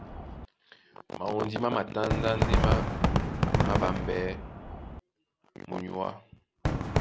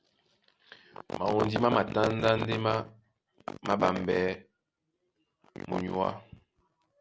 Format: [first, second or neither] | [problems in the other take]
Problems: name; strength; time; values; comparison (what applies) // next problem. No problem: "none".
second | background sound (Fireworks); 3 dB above the speech